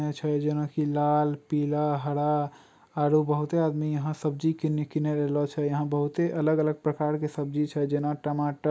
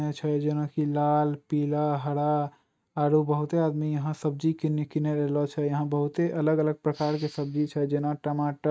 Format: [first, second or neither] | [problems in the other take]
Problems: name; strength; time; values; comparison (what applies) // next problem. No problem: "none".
first | noise reduction (neural mask model RNNoise)